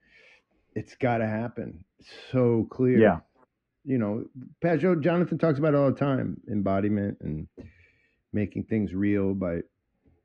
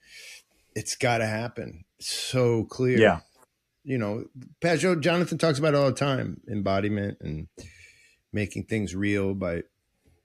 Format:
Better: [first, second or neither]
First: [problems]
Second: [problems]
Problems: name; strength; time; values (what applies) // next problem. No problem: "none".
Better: second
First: muffled; very; fading above 1.5 kHz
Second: none